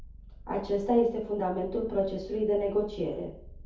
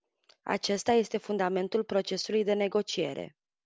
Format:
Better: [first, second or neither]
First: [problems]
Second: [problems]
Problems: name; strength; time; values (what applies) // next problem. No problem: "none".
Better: second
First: background sound (Purr); 17 dB below the speech // room echo; dies away in 0.6 s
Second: none